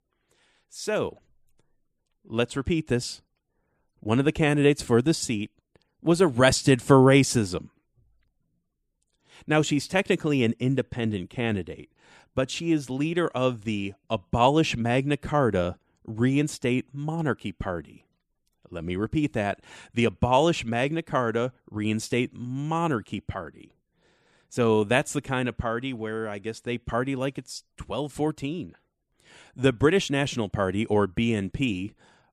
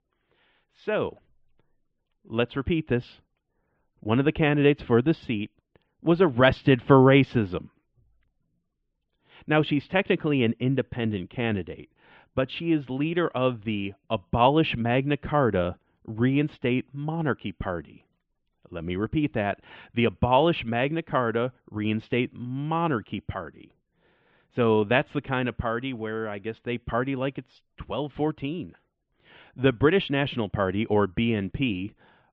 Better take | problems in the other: first | muffled; very; fading above 3 kHz

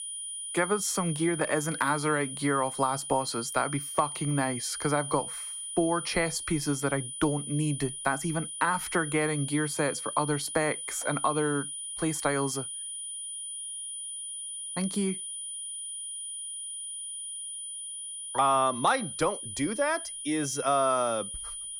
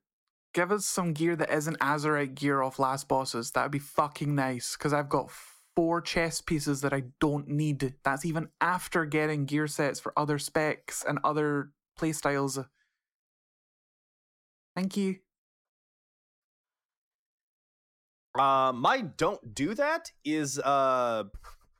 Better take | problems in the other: second | high-pitched whine; loud; throughout; 9.5 kHz, 6 dB below the speech

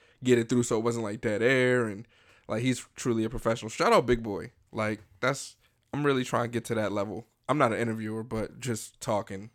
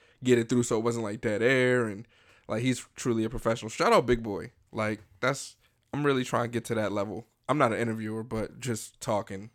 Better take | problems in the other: neither | none

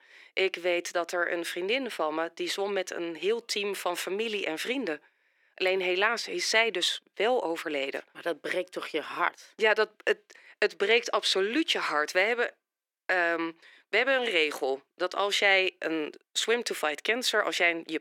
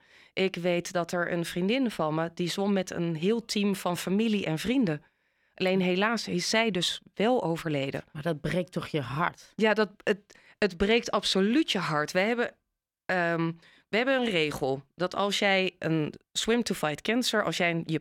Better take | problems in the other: second | thin; somewhat; fading below 350 Hz

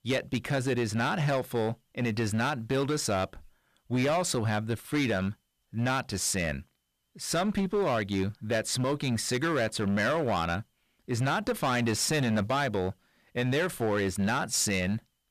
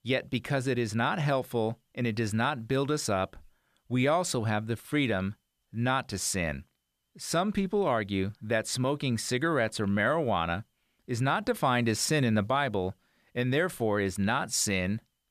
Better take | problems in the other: second | distortion; slight; 11% of the sound clipped

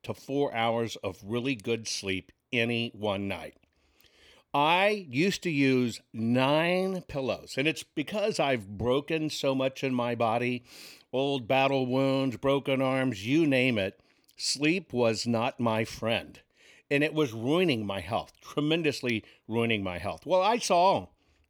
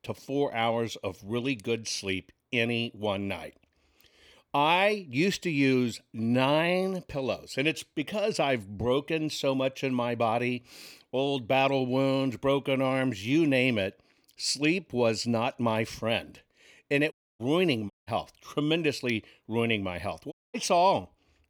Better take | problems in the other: first | audio cutting out; at 17 s, at 18 s and at 20 s

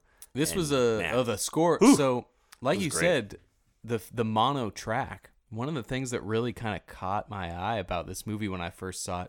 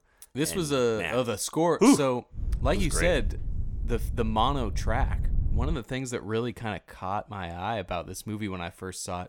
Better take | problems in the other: first | wind noise on the microphone; occasional gusts; from 2.5 to 5.5 s; 20 dB below the speech

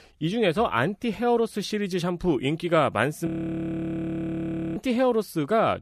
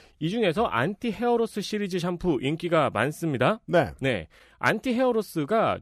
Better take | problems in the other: second | audio freezing; at 3.5 s for 1.5 s

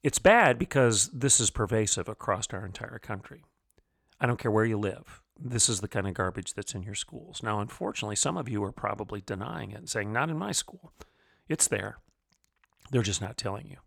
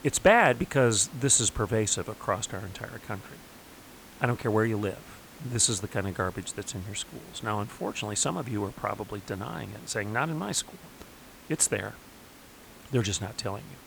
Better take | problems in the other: first | hiss; faint; throughout; 20 dB below the speech

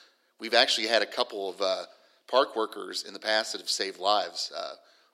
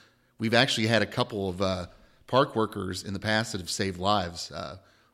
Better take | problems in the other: second | thin; very; fading below 350 Hz

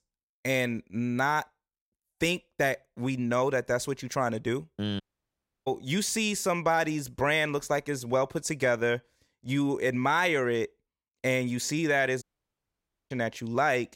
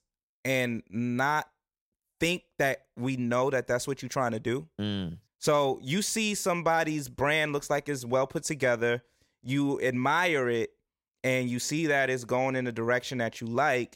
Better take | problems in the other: second | audio cutting out; at 5 s for 0.5 s and at 12 s for 1 s

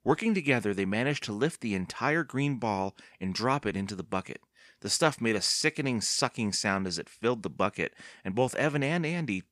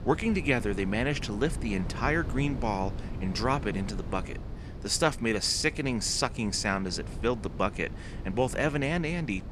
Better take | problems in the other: first | wind noise on the microphone; occasional gusts; 15 dB below the speech

